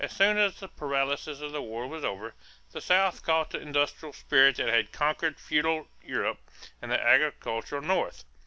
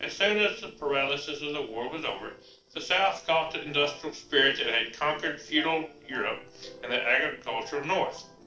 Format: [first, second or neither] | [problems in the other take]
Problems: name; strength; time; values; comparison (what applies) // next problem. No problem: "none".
first | noise reduction (neural separator model SepFormer DNS4)